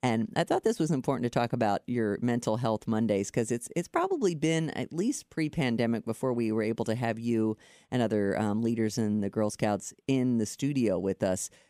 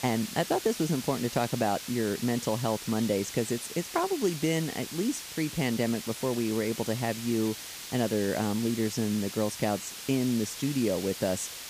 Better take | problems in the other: first | hiss; loud; throughout; 8 dB below the speech

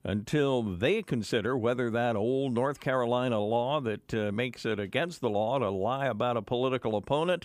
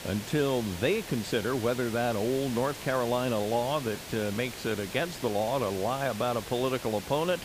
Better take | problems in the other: first | hiss; noticeable; throughout; 10 dB below the speech

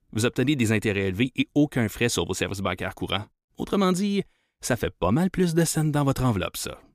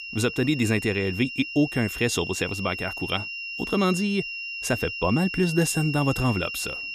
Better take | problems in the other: first | high-pitched whine; loud; throughout; 3 kHz, 6 dB below the speech

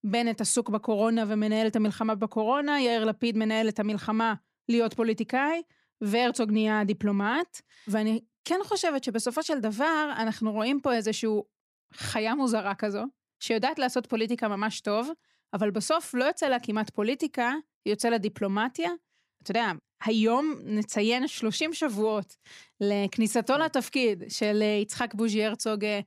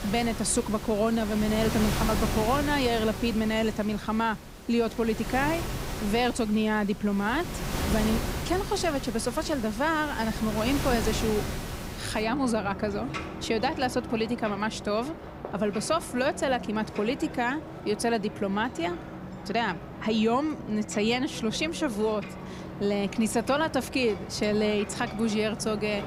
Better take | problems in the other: first | rain or running water; loud; throughout; 8 dB below the speech

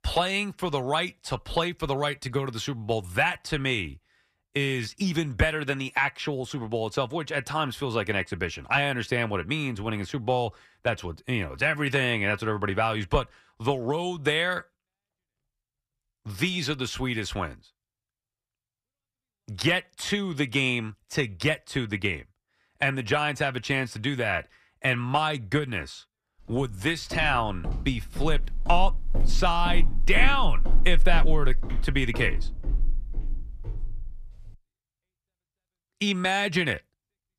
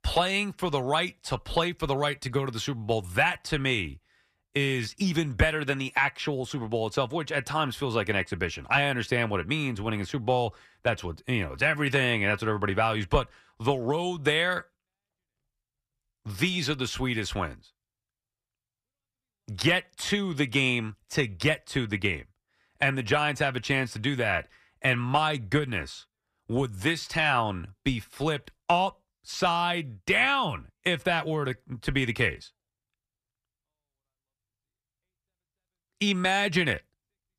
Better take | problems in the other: second | footsteps; noticeable; from 27 to 34 s; peak 1 dB below the speech

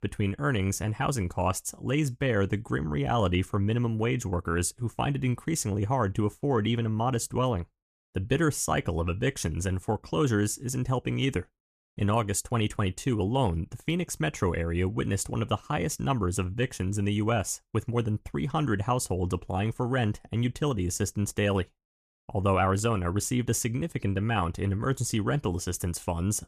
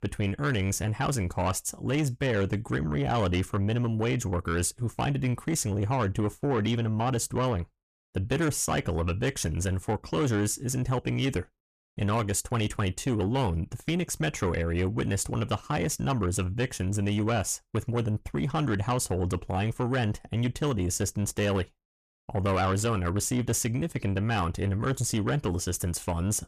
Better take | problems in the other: first | distortion; slight; 10 dB below the speech

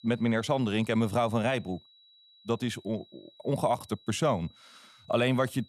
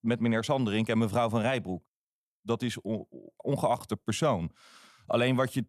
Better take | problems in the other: second | high-pitched whine; faint; throughout; 4 kHz, 25 dB below the speech

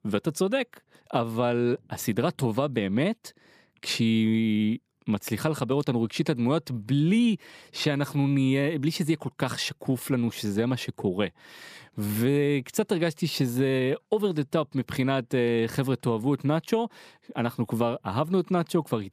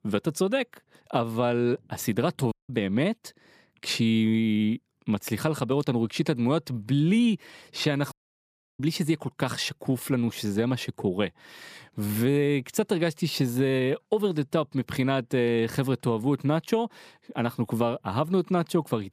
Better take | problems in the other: first | audio cutting out; at 2.5 s and at 8 s for 0.5 s

